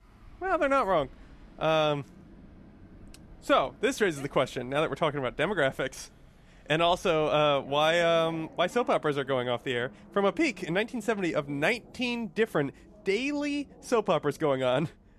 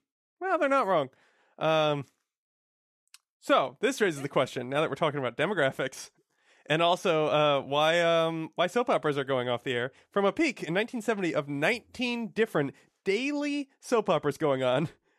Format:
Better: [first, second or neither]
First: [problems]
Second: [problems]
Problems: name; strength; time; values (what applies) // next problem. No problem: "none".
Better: second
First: traffic noise; faint; throughout; 25 dB below the speech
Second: none